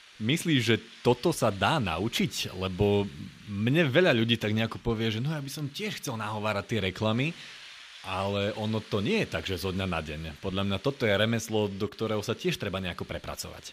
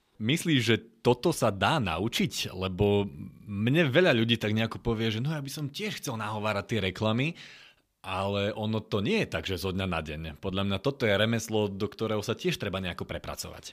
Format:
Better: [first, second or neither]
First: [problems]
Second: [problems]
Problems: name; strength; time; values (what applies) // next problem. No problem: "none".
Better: second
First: hiss; faint; throughout; 20 dB below the speech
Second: none